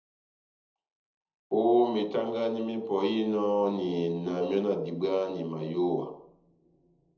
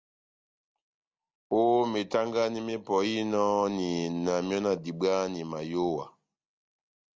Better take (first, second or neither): second